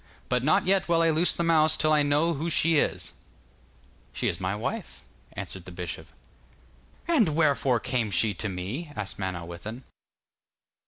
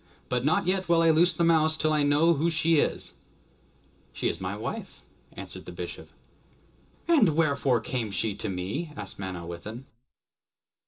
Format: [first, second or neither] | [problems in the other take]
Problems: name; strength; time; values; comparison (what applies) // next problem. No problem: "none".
first | room echo; dies away in 0.2 s